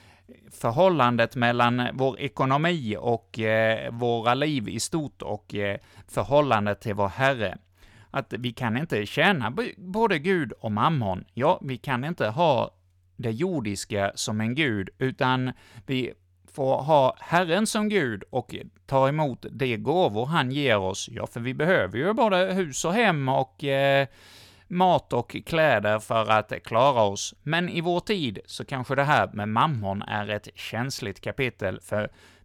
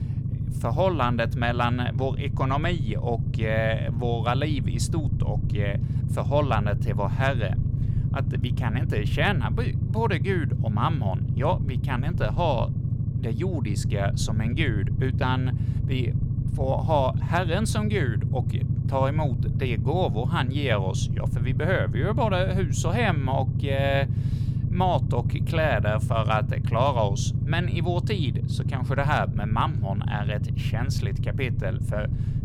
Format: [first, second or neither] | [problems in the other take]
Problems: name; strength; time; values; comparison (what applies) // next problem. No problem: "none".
first | low rumble; noticeable; throughout; 10 dB below the speech